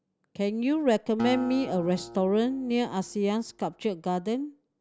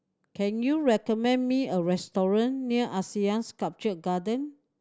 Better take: second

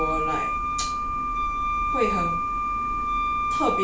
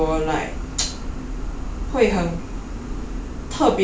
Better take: second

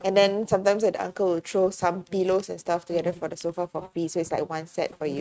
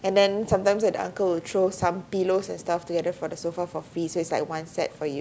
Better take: second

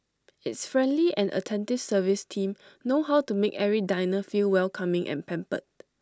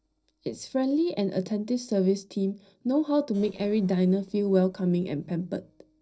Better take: first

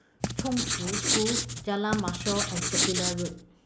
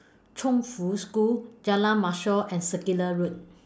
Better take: second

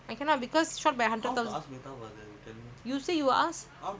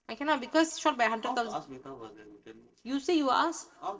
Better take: first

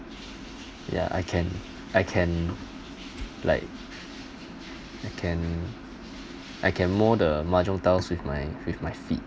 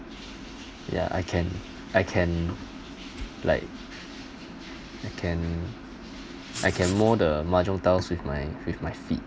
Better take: first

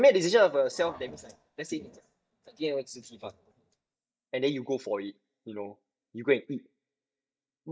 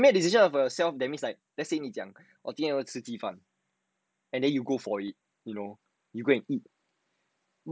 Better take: second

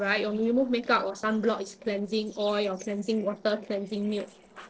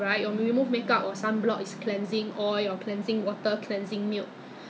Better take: second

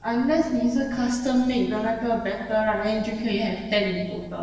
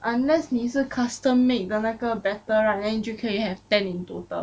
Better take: second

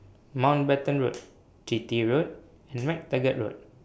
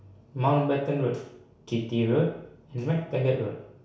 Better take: first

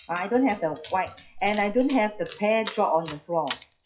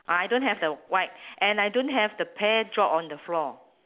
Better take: second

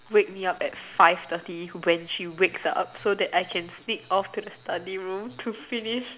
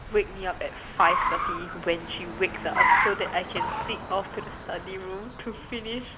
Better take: first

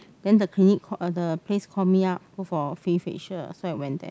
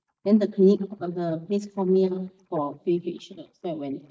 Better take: first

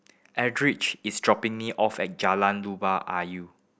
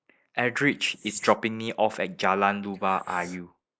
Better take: first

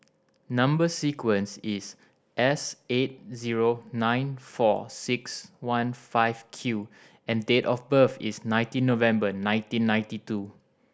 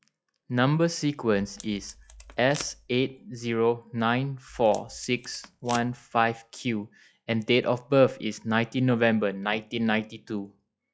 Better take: first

